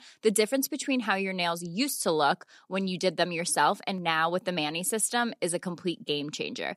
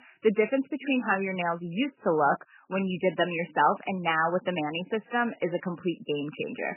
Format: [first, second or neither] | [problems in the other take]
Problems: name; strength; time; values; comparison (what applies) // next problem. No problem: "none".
first | garbled, watery; badly; nothing above 3 kHz